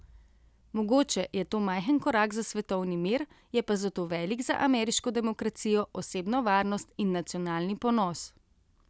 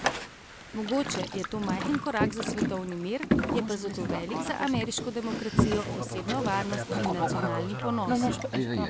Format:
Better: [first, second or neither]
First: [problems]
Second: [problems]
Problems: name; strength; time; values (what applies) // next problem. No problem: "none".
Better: first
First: none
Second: background sound (Boat, Water vehicle); 2 dB above the speech